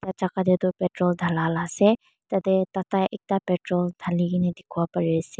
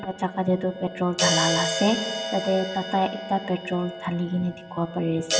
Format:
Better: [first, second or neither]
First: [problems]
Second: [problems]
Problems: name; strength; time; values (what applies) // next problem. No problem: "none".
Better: first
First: none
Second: background sound (Crash cymbal); 4 dB below the speech // room echo; dies away in 2.7 s